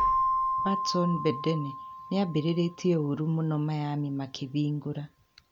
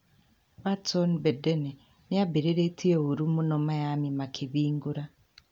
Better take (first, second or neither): second